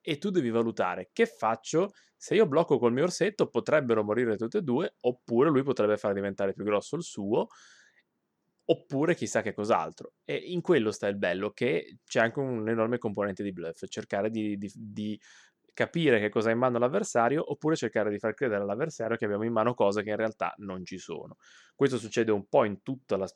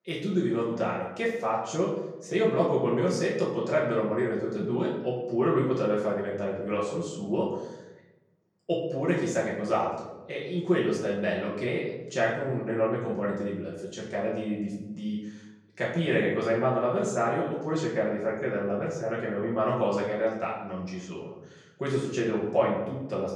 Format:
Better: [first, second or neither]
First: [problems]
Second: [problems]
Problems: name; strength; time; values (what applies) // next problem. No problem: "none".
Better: first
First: none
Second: off-mic speech; far // room echo; noticeable; dies away in 0.8 s